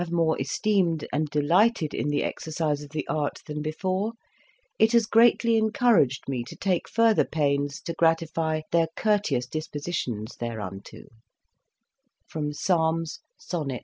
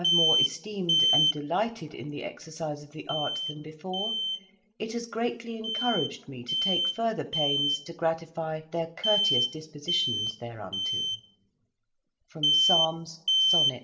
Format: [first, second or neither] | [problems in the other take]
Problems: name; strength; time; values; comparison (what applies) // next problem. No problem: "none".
first | background sound (Alarm); 4 dB above the speech // room echo; dies away in 0.7 s